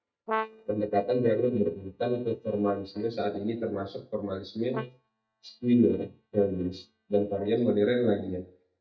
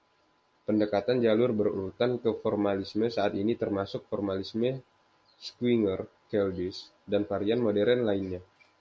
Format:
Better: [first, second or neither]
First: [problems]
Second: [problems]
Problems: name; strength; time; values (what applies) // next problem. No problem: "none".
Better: second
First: noise reduction (neural mask model DeepFilterNet 3)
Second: none